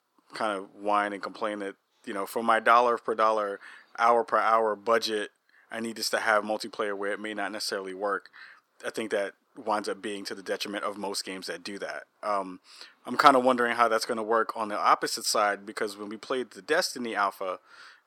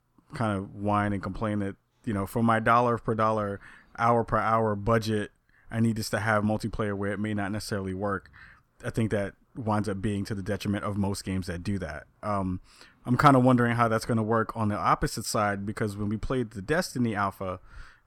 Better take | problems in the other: second | thin; somewhat; fading below 350 Hz

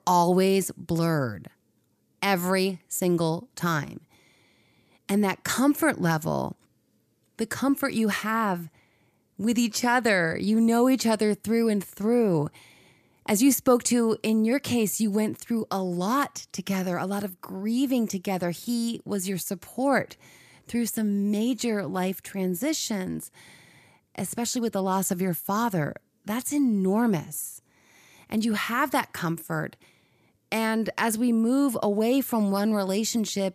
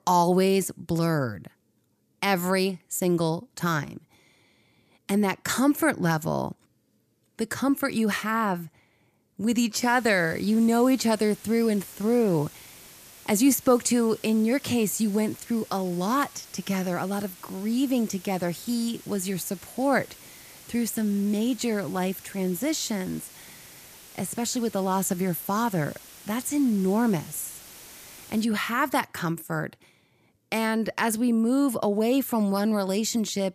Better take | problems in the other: first | hiss; noticeable; from 10 to 28 s; 20 dB below the speech

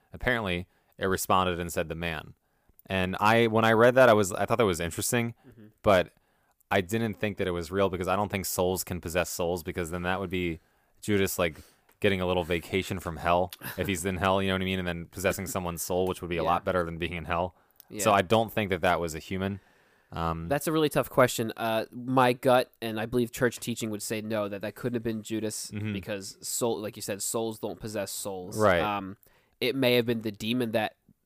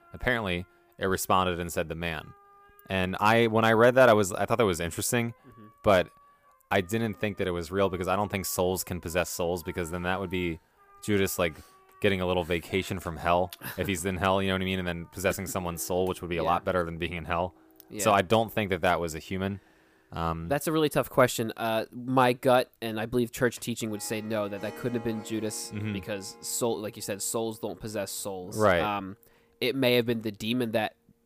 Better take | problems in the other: first | background music; faint; throughout; 25 dB below the speech

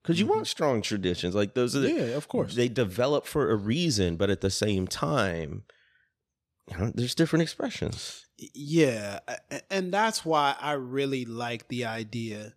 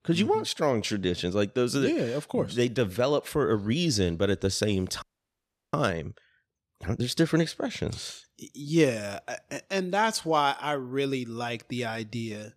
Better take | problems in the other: first | audio freezing; at 5 s for 0.5 s

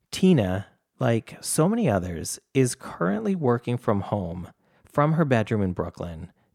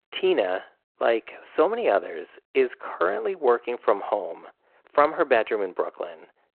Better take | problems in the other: first | phone-call audio

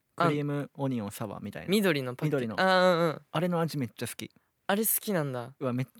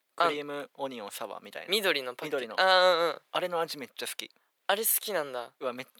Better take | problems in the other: first | thin; very; fading below 550 Hz

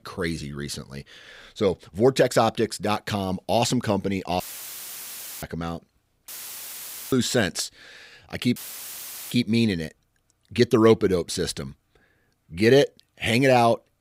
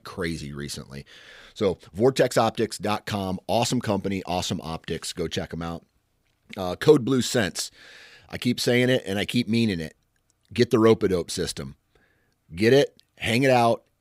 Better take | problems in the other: second | audio cutting out; filled with static; at 4.5 s for 1 s, at 6.5 s for 1 s and at 8.5 s for 1 s

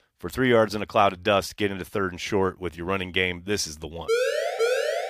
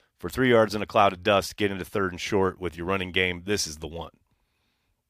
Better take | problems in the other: second | siren; loud; from 4 s on; peak 1 dB above the speech

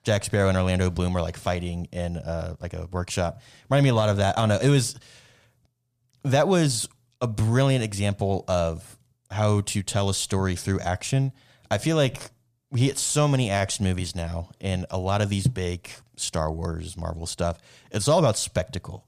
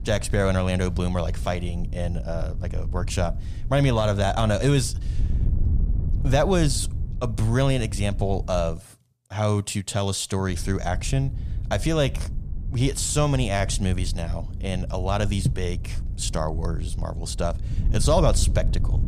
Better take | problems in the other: first | wind noise on the microphone; occasional gusts; until 8.5 s and from 10 s on; 20 dB below the speech

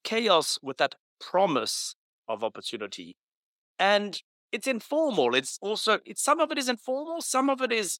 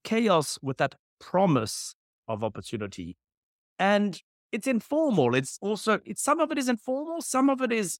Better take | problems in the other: second | thin; very slightly; fading below 350 Hz

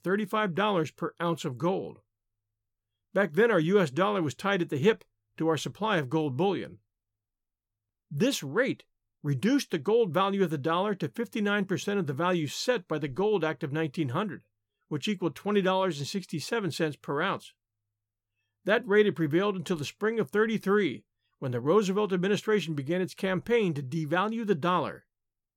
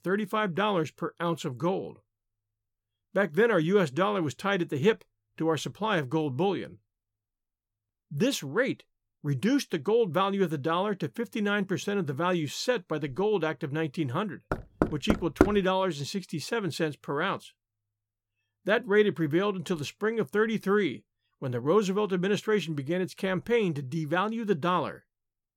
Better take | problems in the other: first | door banging; loud; at 15 s; peak 3 dB above the speech

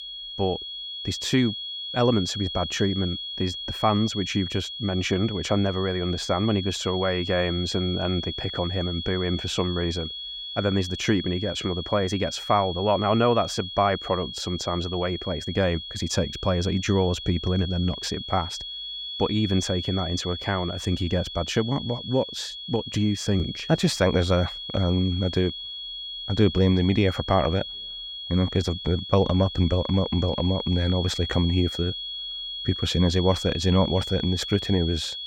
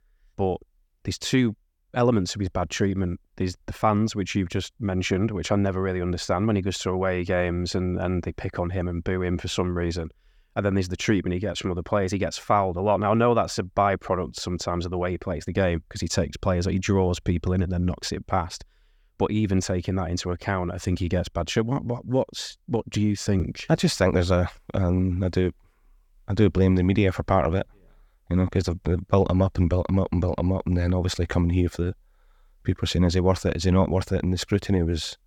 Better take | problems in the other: second | high-pitched whine; loud; throughout; 3.5 kHz, 7 dB below the speech

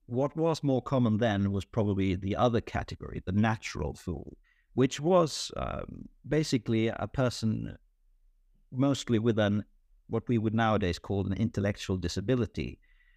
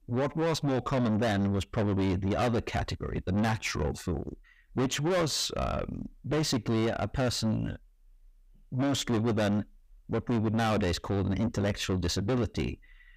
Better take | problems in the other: first | distortion; heavy; 6 dB below the speech

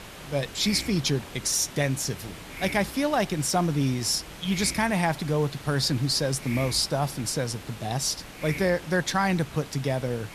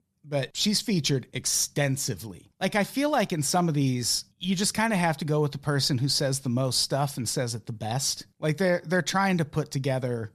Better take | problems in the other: second | hiss; noticeable; throughout; 15 dB below the speech

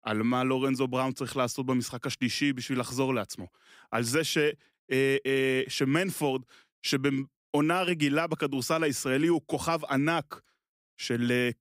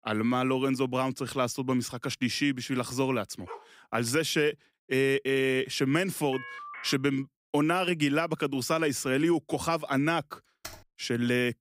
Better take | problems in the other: first | dog barking; faint; at 3.5 s; peak 15 dB below the speech // phone ringing; faint; at 6.5 s; peak 10 dB below the speech // keyboard typing; faint; at 11 s; peak 15 dB below the speech

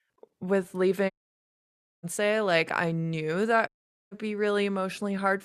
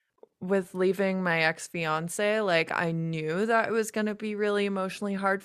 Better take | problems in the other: second | audio cutting out; at 1 s for 1 s and at 3.5 s

